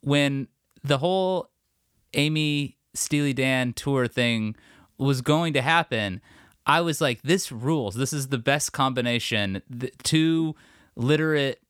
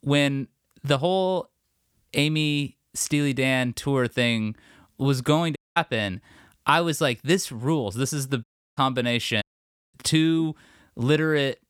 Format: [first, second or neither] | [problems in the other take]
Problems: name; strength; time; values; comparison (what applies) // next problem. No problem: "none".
first | audio cutting out; at 5.5 s, at 8.5 s and at 9.5 s for 0.5 s